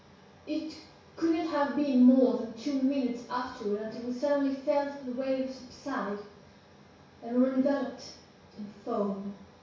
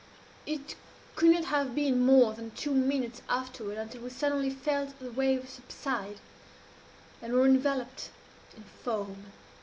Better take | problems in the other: second | room echo; dies away in 0.6 s

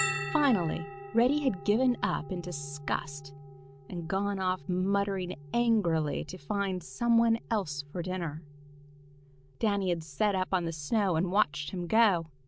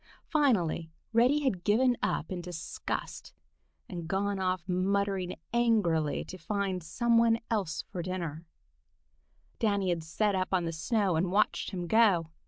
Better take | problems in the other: second | background sound (Bell); 14 dB below the speech

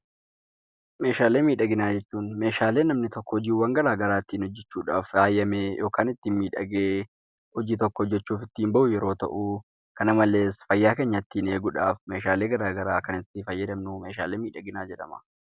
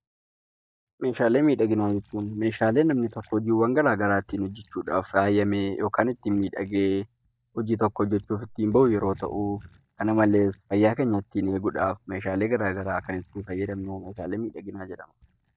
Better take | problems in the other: first | noise reduction (neural mask model DeepFilterNet 3)

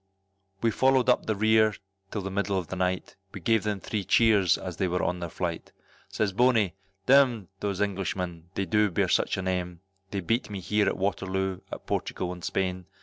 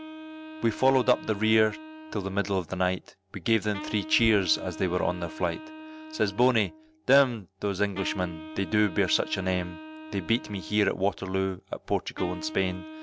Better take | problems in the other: first | background sound (Wind instrument, woodwind instrument); 14 dB below the speech

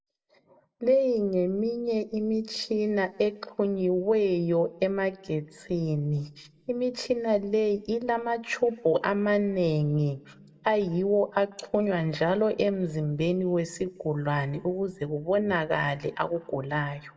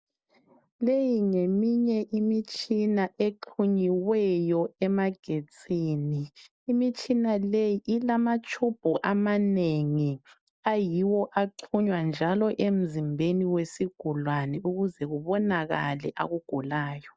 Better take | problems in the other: second | room echo; dies away in 0.6 s

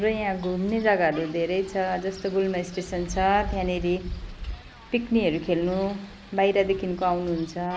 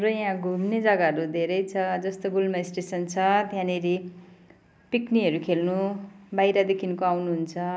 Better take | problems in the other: second | background sound (Wind); 14 dB below the speech

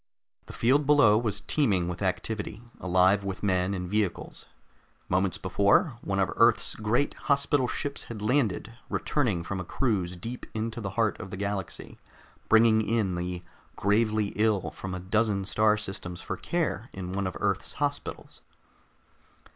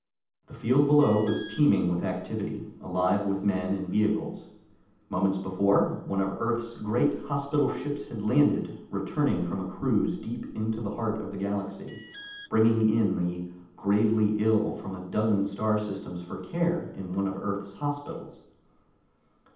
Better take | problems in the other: first | background sound (Alarm); 19 dB below the speech // room echo; dies away in 0.8 s

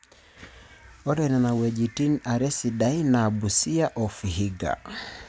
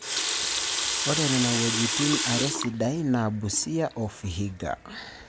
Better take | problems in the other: first | background sound (Water tap, faucet); 1 dB below the speech

